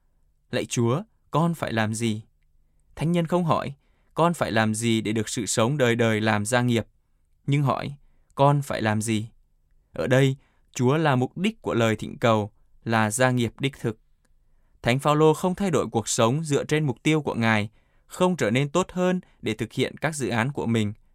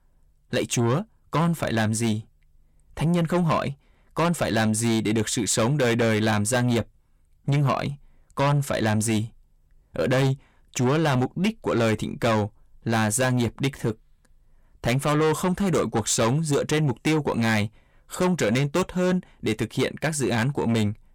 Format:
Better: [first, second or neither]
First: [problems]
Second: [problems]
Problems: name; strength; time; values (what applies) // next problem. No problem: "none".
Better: first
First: none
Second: distortion; heavy; 7 dB below the speech